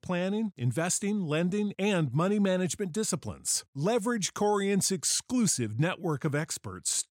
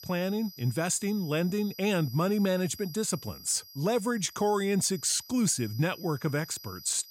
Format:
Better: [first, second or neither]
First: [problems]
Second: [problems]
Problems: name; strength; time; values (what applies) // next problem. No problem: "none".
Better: first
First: none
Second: high-pitched whine; noticeable; throughout; 5 kHz, 15 dB below the speech